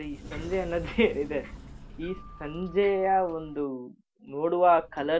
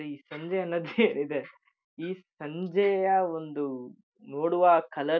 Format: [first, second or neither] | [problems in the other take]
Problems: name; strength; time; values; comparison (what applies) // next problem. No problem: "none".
second | background sound (Sliding door); 16 dB below the speech